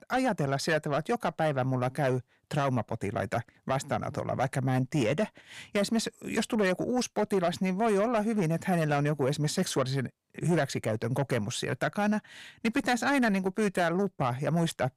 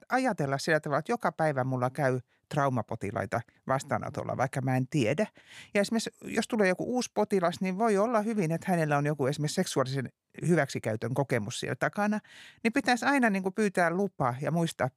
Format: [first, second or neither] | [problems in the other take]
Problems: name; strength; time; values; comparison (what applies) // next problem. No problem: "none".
second | distortion; slight; 10 dB below the speech